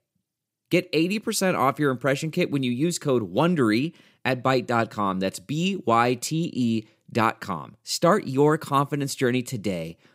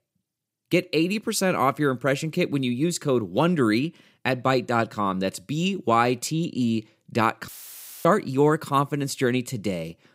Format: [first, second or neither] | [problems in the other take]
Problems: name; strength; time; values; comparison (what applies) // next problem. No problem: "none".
first | audio cutting out; filled with static; at 7.5 s for 0.5 s